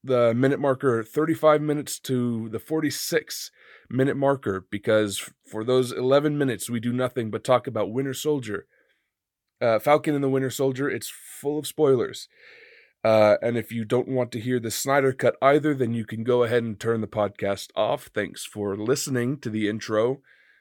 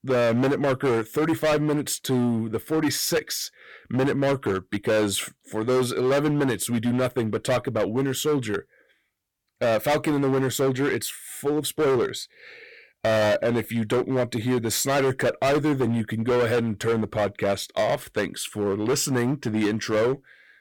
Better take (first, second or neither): first